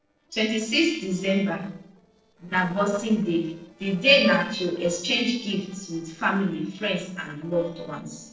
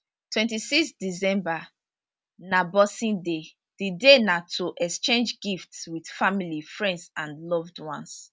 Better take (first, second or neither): second